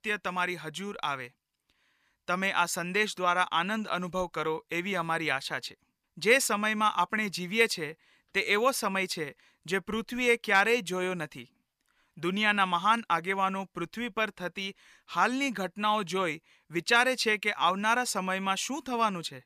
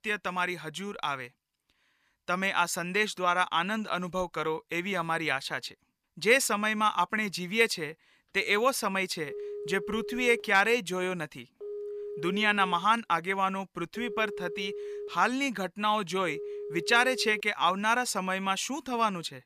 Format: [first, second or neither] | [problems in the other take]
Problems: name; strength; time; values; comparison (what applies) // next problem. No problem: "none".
first | phone ringing; noticeable; from 9.5 to 17 s; peak 10 dB below the speech